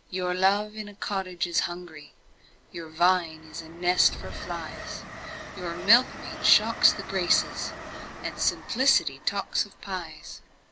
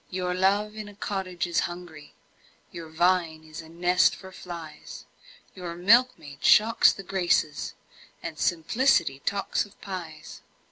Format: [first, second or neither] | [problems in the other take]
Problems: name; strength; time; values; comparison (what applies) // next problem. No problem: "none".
second | background sound (Train); 13 dB below the speech